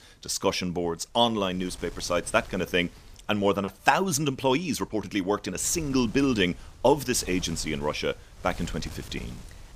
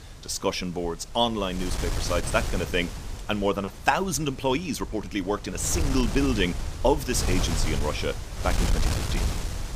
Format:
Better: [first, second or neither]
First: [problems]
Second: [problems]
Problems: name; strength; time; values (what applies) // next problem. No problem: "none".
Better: first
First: wind noise on the microphone; occasional gusts; 25 dB below the speech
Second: wind noise on the microphone; heavy; 8 dB below the speech